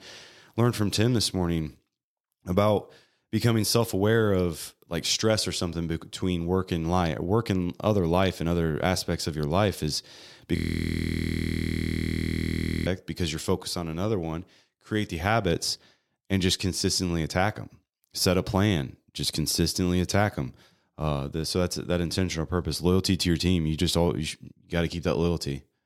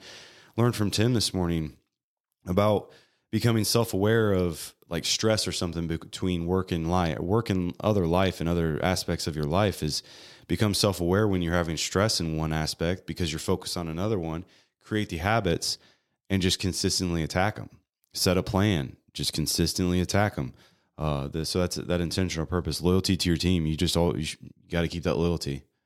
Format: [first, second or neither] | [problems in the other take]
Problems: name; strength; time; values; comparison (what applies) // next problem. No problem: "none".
second | audio freezing; at 11 s for 2.5 s